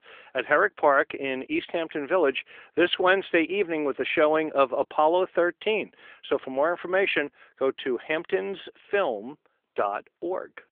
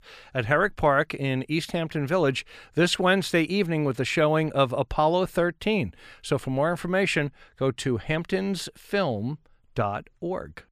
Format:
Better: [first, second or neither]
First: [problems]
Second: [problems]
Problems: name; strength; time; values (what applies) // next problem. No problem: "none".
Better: second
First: phone-call audio; nothing above 3.5 kHz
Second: none